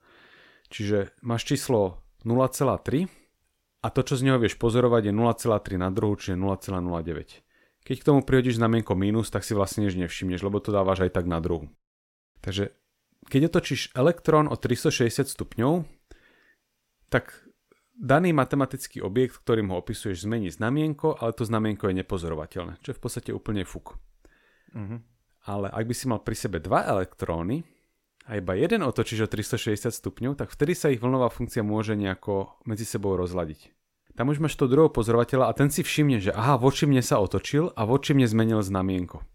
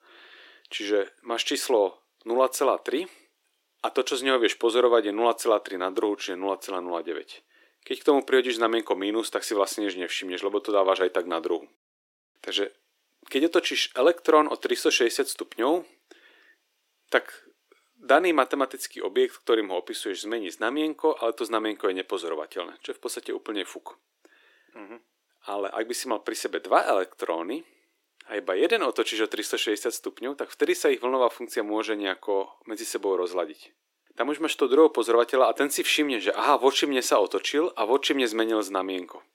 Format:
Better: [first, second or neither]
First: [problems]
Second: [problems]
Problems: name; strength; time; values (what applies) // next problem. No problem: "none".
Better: first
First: none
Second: thin; somewhat; fading below 300 Hz